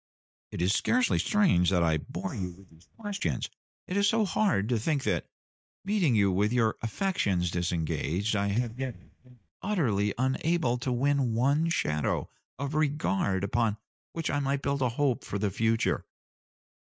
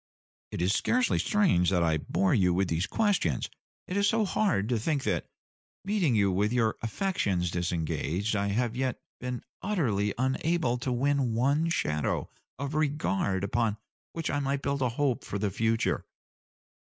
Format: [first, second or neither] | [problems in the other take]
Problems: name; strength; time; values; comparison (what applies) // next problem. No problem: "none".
second | noise reduction (neural mask model DeepFilterNet 3)